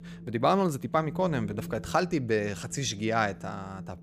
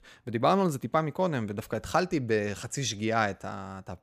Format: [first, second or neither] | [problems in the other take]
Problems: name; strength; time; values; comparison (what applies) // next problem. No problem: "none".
second | wind noise on the microphone; occasional gusts; 20 dB below the speech